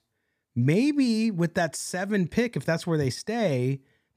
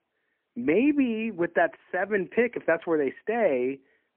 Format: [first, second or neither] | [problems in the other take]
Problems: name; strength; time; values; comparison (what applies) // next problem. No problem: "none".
first | phone-call audio; poor line; nothing above 2.5 kHz